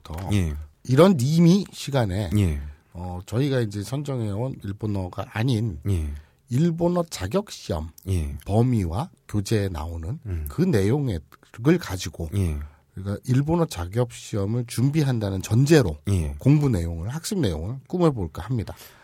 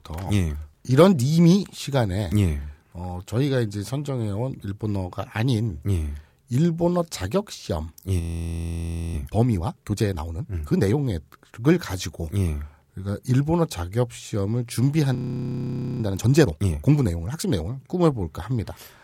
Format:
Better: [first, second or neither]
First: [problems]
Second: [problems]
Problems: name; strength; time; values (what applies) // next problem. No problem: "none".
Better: first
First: none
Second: audio freezing; at 8 s for 1 s and at 15 s for 1 s